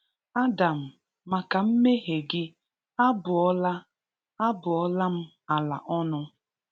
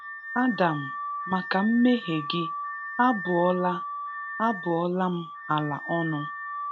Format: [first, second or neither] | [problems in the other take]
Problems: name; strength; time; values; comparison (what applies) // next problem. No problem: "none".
first | background sound (Alarm / Car); 8 dB below the speech